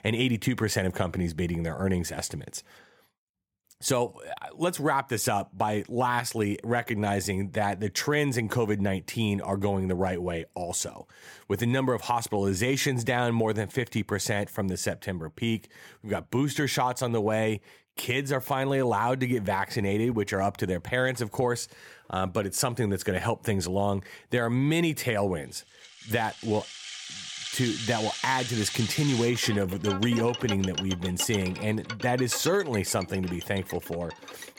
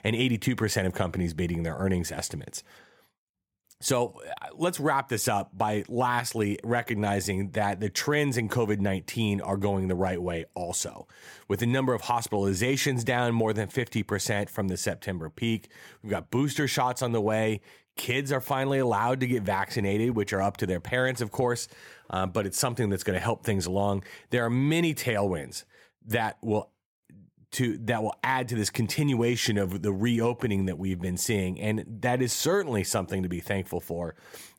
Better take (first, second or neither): second